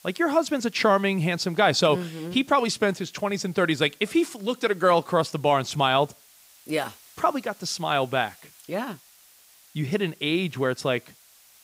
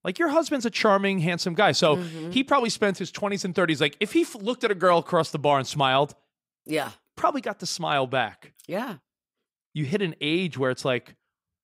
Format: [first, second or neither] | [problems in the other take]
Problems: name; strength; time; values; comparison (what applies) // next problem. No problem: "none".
second | hiss; faint; throughout; 25 dB below the speech